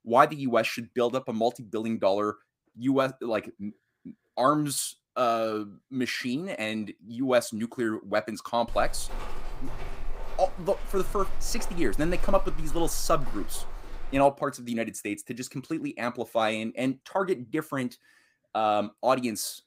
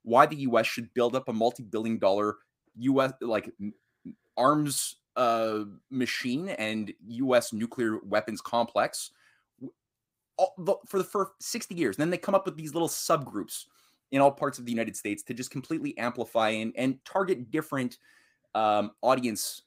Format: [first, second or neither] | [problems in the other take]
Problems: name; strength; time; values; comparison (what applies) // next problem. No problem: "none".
second | footsteps; noticeable; from 8.5 to 14 s; peak 9 dB below the speech